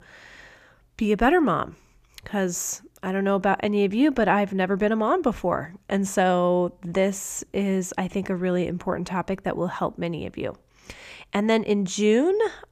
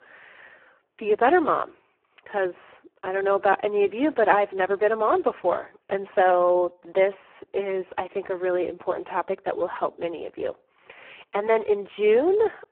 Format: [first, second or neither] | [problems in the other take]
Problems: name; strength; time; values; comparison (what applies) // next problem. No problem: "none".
first | phone-call audio; poor line